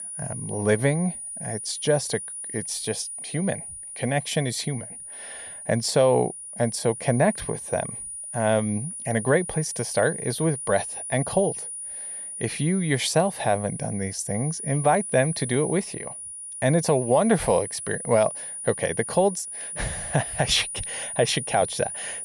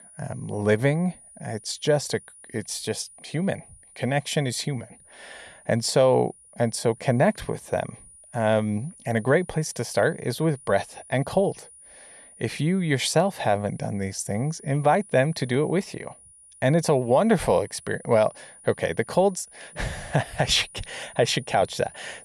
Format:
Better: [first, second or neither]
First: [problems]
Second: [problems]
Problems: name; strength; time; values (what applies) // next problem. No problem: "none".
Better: second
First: high-pitched whine; loud; throughout; 9.5 kHz, 7 dB below the speech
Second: high-pitched whine; faint; throughout; 9.5 kHz, 20 dB below the speech